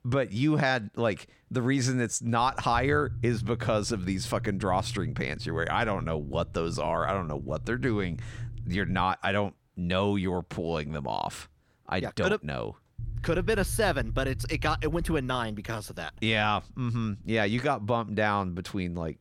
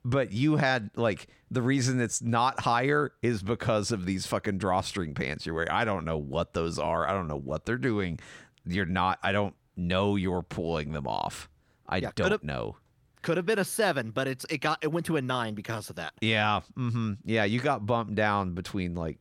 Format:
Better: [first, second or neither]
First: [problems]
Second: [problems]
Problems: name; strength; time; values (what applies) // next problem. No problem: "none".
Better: second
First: low rumble; faint; from 2.5 to 9 s and from 13 to 18 s; 25 dB below the speech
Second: none